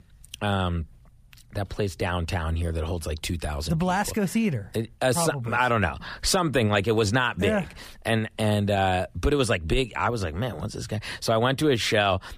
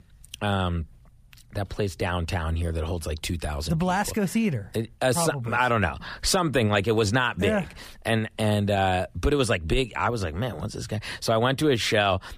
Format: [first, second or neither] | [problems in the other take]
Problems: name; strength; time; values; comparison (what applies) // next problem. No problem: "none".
neither | none